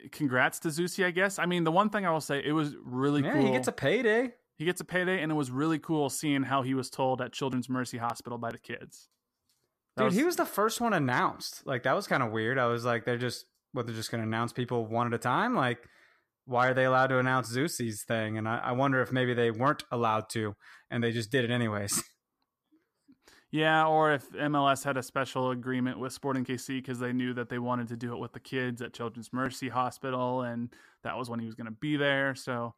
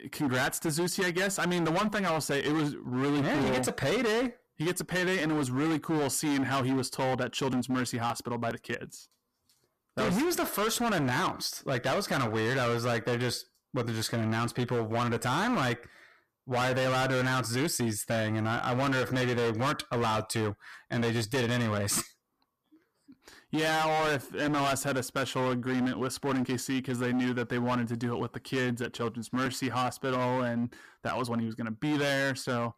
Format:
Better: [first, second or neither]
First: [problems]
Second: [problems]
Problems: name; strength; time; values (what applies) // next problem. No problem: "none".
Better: first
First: none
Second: distortion; heavy; 23% of the sound clipped